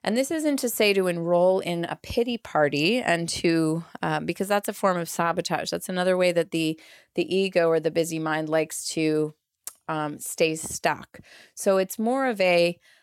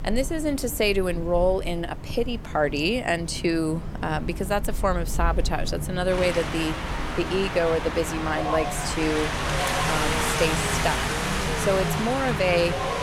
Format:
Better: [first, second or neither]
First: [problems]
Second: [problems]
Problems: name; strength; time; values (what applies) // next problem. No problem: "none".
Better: first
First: none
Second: wind in the background; loud; throughout; 3 dB below the speech